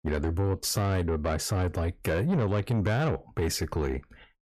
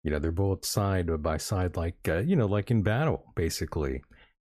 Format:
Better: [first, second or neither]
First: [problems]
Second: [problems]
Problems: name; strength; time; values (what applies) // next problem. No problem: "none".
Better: second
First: distortion; slight; 10 dB below the speech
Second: none